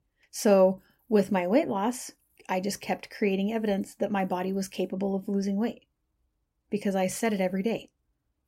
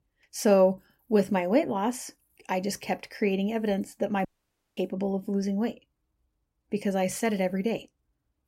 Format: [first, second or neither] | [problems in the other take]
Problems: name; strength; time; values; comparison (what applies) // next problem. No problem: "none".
first | audio cutting out; at 4.5 s for 0.5 s